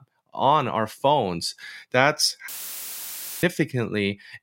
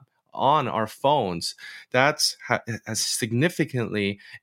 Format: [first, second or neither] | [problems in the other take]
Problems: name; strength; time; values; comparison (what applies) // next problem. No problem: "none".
second | audio cutting out; filled with static; at 2.5 s for 1 s